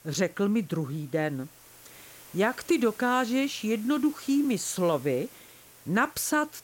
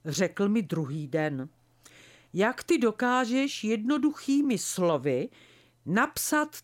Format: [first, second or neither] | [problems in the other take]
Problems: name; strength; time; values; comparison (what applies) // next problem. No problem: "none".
second | hiss; faint; throughout; 20 dB below the speech